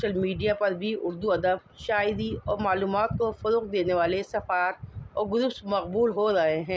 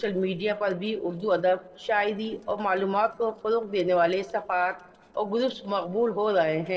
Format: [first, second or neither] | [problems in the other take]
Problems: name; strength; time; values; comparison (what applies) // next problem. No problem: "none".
first | noise reduction (neural separator model SepFormer DNS4)